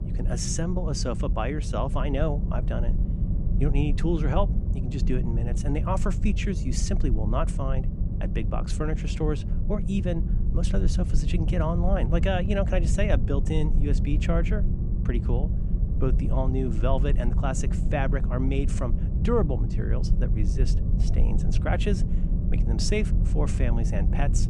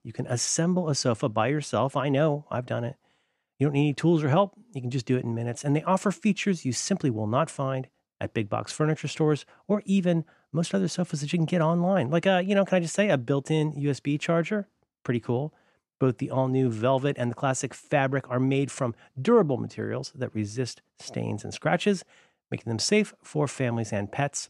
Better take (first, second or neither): second